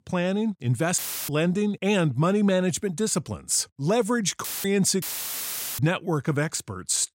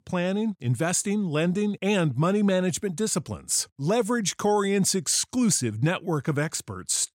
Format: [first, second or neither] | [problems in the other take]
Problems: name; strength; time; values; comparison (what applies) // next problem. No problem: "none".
second | audio cutting out; filled with static; at 1 s, at 4.5 s and at 5 s for 1 s